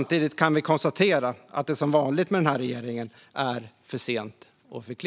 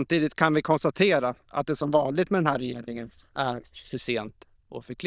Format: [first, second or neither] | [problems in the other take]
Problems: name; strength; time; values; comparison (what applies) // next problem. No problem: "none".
first | noise reduction (neural diffusion model UNIVERSE++)